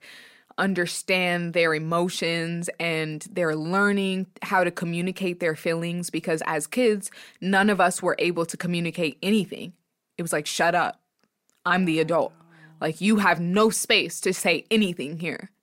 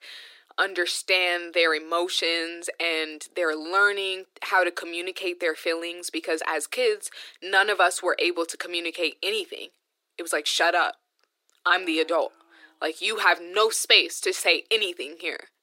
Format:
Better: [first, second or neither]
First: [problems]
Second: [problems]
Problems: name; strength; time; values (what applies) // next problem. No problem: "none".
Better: first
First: none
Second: thin; very; fading below 300 Hz